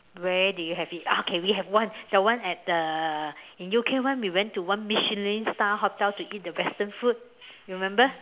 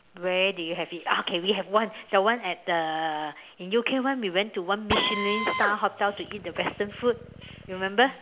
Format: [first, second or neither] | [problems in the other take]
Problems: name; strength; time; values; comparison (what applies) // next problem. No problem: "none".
first | background sound (Drill); 7 dB below the speech